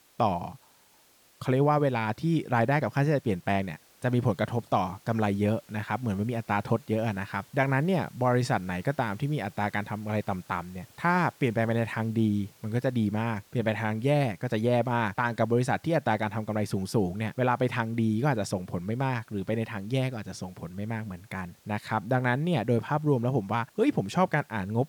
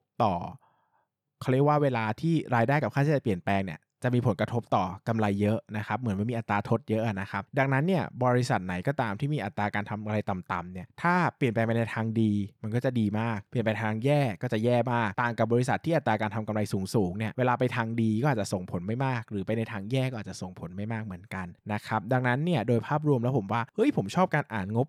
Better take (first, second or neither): second